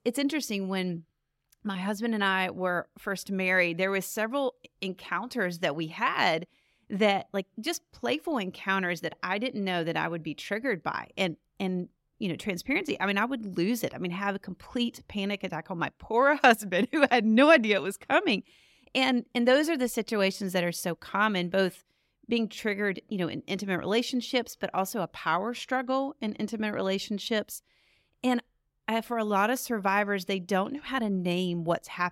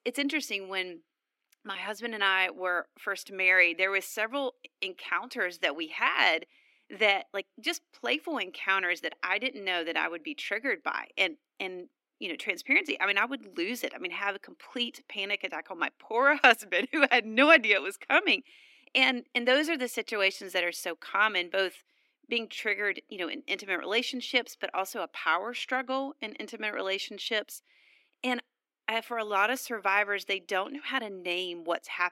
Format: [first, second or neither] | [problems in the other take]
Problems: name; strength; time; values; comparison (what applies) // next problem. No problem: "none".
first | thin; somewhat; fading below 250 Hz